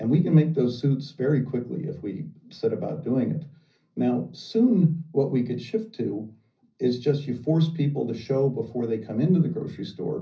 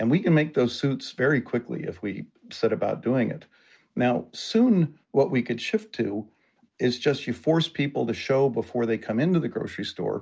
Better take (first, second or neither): second